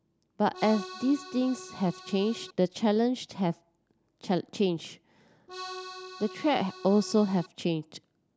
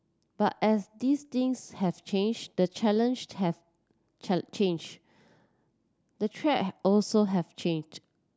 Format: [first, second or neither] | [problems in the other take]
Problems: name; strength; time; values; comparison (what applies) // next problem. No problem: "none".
second | background sound (Accordion); 13 dB below the speech